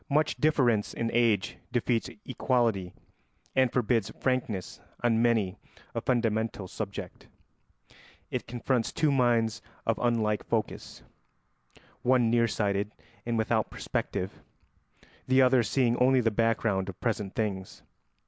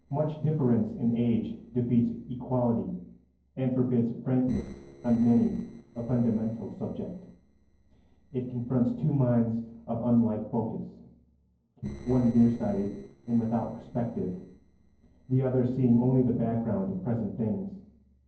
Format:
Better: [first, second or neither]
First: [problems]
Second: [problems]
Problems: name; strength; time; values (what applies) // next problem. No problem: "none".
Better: first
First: none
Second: noise reduction (neural separator model SepFormer DNS4)